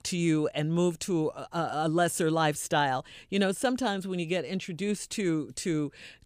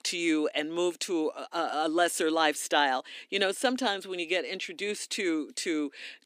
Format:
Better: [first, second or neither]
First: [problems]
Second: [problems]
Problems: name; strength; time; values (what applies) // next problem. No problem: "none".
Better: first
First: none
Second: thin; somewhat; fading below 250 Hz